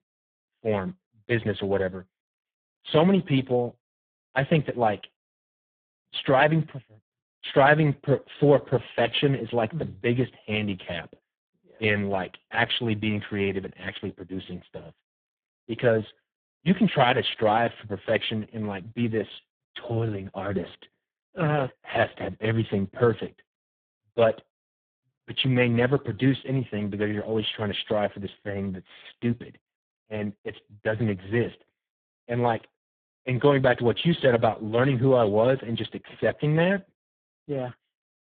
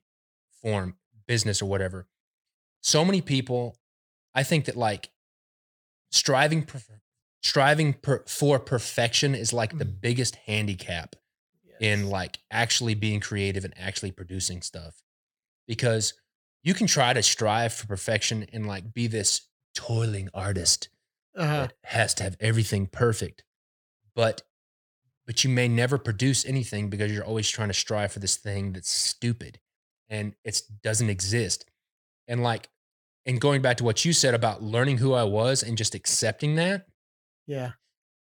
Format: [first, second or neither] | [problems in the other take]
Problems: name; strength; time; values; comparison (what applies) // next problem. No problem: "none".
second | phone-call audio; poor line